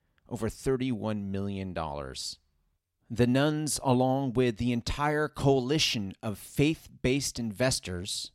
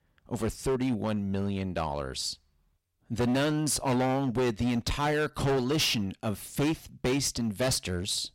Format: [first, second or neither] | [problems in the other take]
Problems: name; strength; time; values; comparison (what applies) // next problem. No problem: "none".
first | distortion; heavy; 14% of the sound clipped